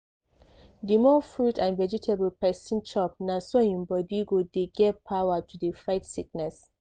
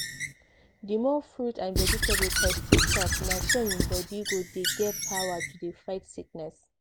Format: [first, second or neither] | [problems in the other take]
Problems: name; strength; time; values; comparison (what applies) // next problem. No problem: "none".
first | background sound (Squeak / Writing); 3 dB above the speech